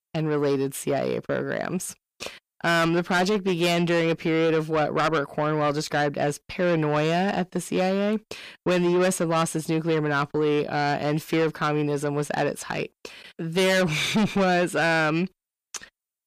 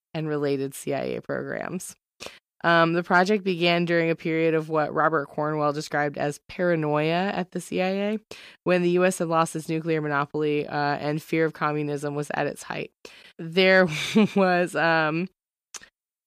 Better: second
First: distortion; heavy; 7 dB below the speech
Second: none

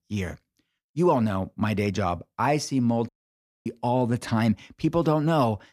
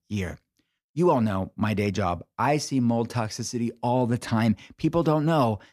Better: second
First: audio cutting out; at 3 s for 0.5 s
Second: none

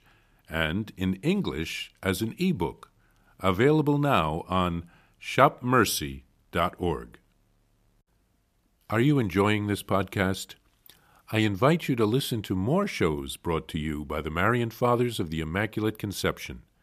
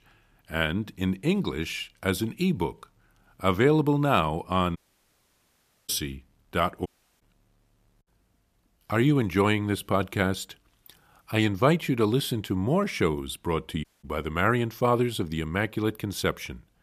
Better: first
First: none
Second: audio cutting out; at 5 s for 1 s, at 7 s and at 14 s

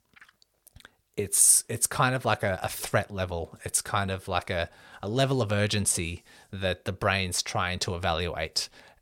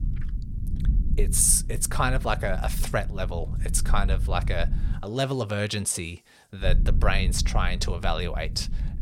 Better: first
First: none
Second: low rumble; noticeable; until 5 s and from 6.5 s on; 15 dB below the speech

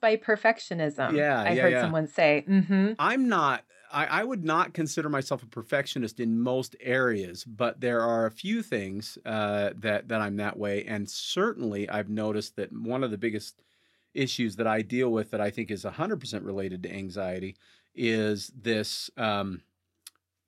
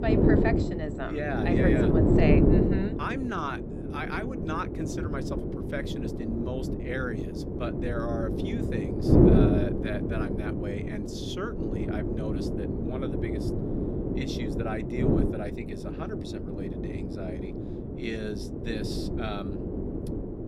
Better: first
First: none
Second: wind noise on the microphone; heavy; 3 dB above the speech

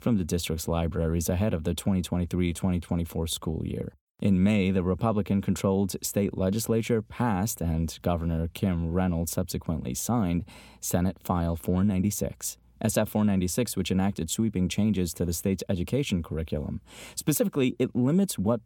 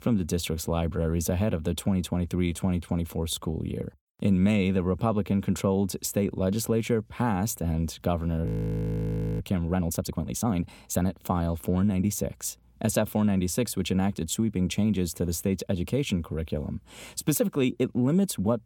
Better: first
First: none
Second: audio freezing; at 8.5 s for 1 s

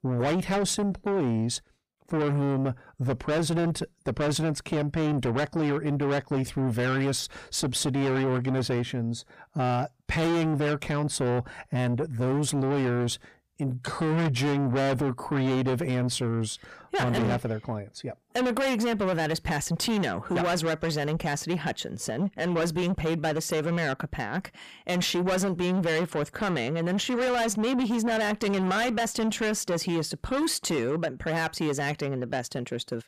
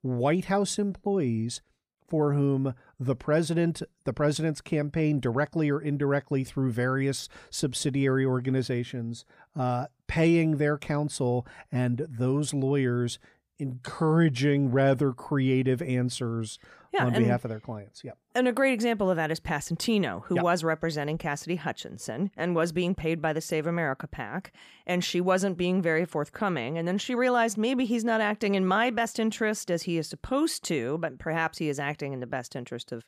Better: second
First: distortion; heavy; 7 dB below the speech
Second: none

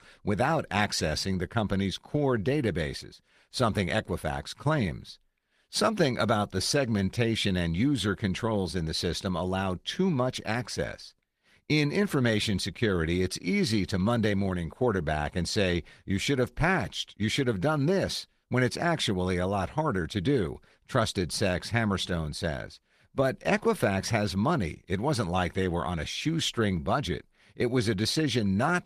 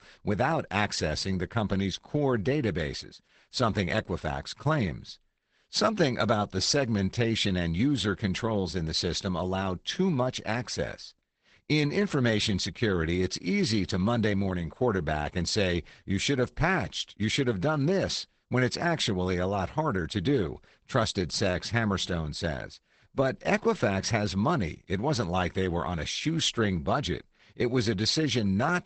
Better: first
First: garbled, watery; slightly; nothing above 14.5 kHz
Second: garbled, watery; badly; nothing above 8 kHz

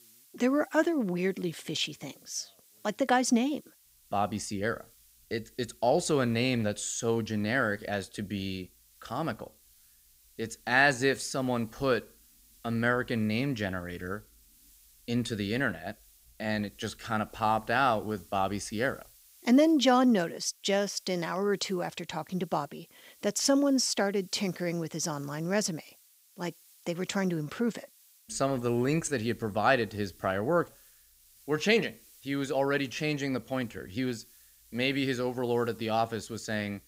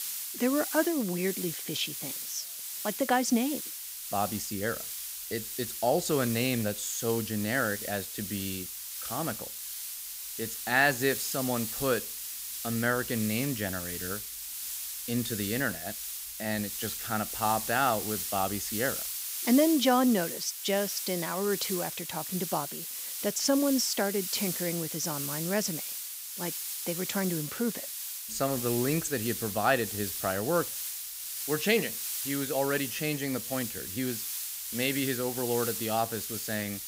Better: first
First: hiss; faint; throughout; 25 dB below the speech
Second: hiss; loud; throughout; 4 dB below the speech

